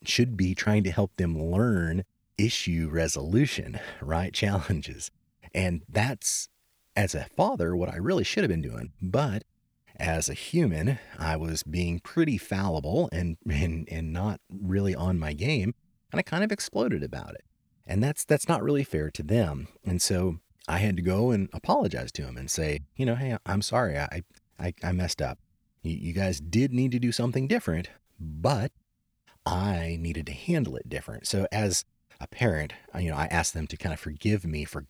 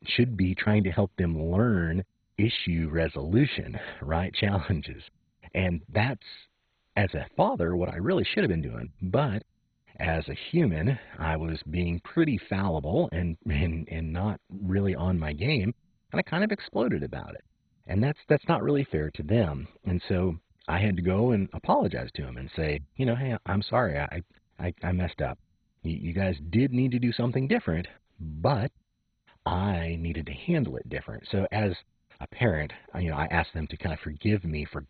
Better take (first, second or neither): first